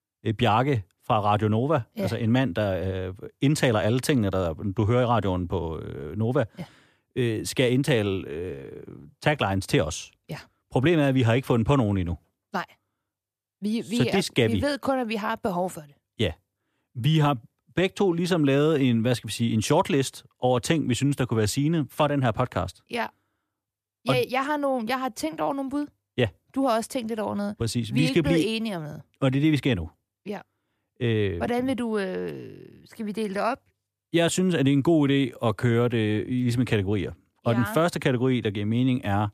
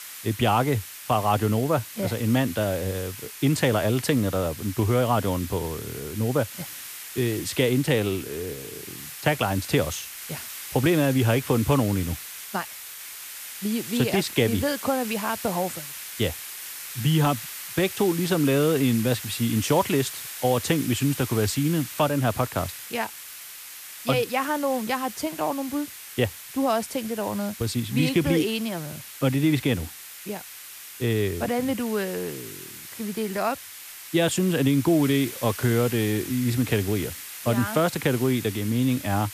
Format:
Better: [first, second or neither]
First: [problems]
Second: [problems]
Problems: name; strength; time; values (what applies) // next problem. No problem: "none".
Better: first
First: none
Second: hiss; noticeable; throughout; 10 dB below the speech